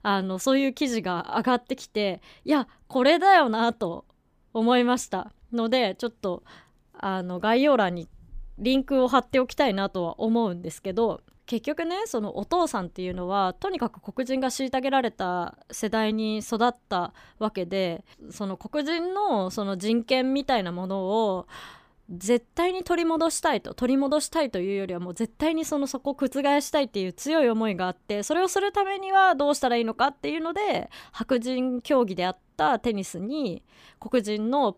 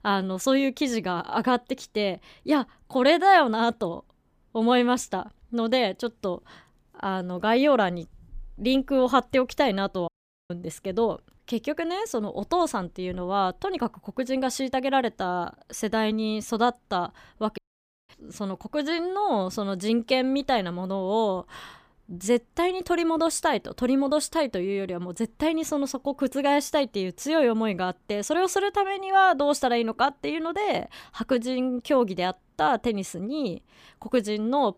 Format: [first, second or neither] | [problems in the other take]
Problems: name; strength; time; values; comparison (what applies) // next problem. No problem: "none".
first | audio cutting out; at 10 s and at 18 s for 0.5 s